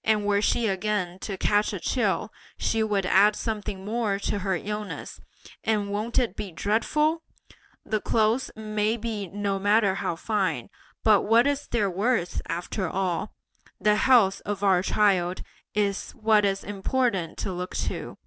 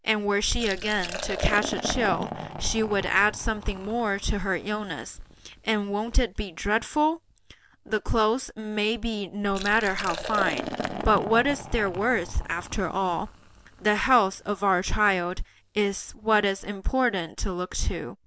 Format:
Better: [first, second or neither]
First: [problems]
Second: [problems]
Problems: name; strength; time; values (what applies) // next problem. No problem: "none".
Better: first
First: none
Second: background sound (Liquid); 12 dB below the speech